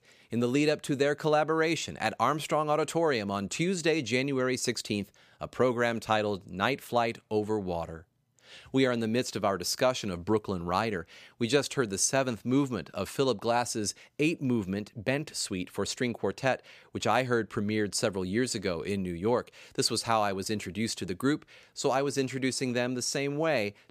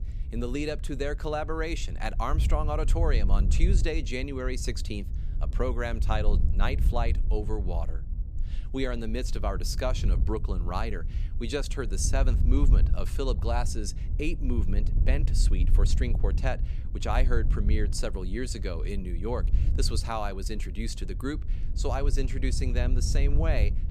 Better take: first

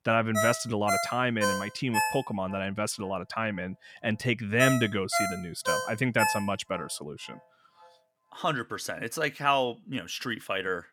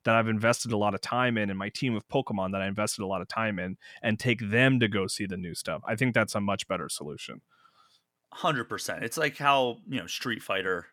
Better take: second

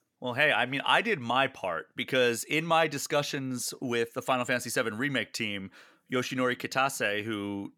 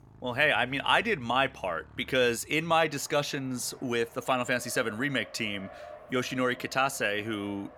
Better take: first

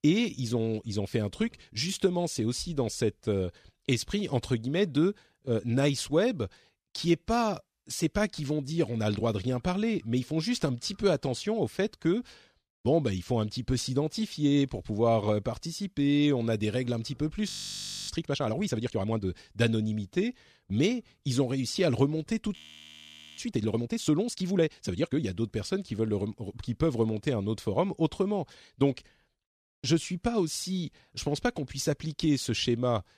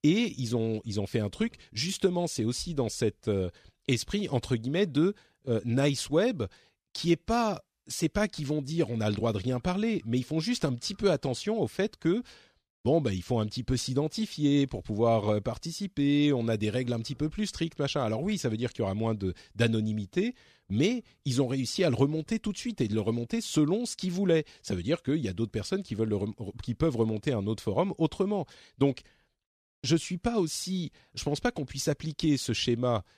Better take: second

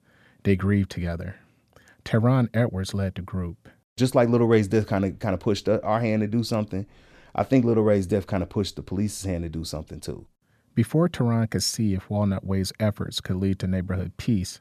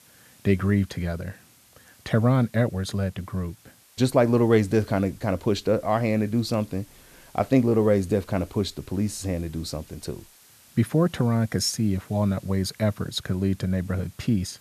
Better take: first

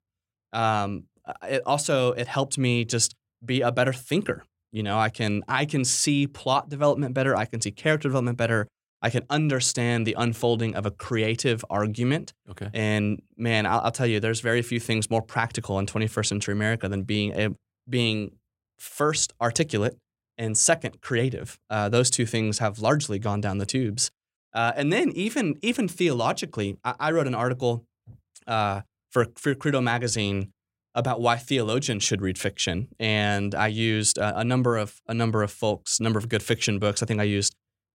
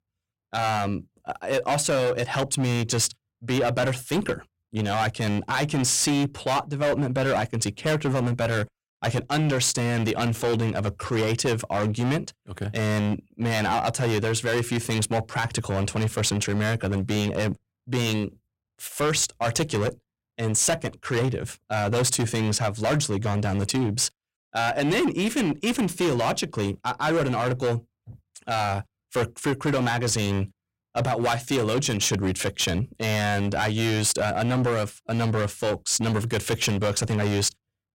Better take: first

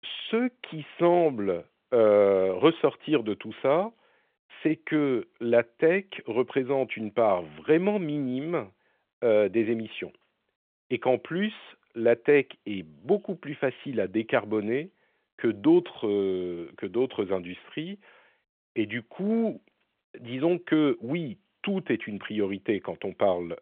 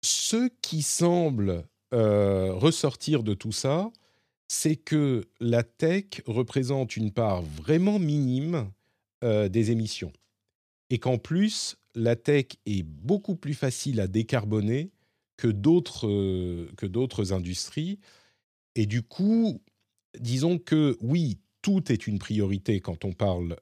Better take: second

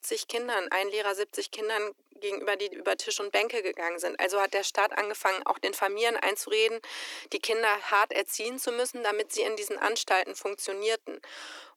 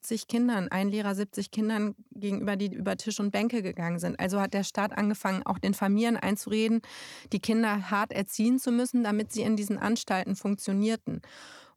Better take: second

